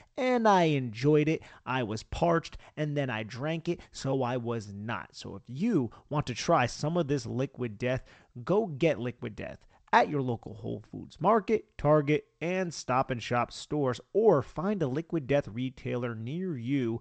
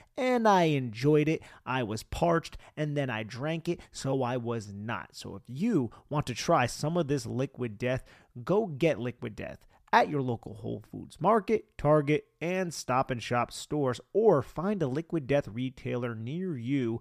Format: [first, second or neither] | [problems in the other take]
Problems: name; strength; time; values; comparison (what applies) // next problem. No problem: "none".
second | garbled, watery; slightly; nothing above 8 kHz